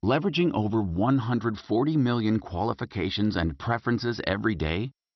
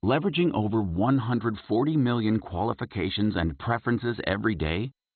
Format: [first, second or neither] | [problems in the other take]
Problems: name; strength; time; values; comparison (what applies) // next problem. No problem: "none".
first | garbled, watery; badly; nothing above 4 kHz; slightly in the first